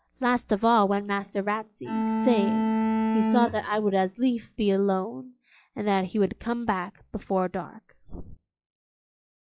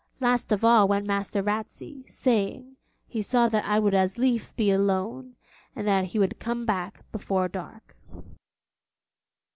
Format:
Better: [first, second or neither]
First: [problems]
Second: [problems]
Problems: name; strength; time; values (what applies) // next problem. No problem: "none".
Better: second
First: noise reduction (classical method log-MMSE)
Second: none